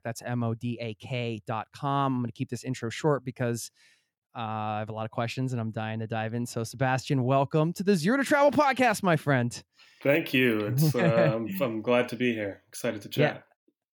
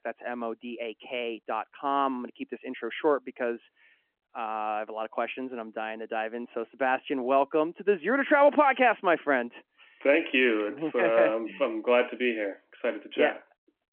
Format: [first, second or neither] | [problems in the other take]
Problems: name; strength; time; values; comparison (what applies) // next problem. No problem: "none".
first | phone-call audio